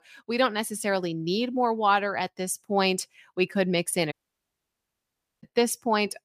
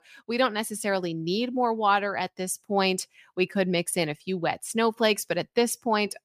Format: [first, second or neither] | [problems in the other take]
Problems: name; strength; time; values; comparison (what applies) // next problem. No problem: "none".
second | audio cutting out; at 4 s for 1.5 s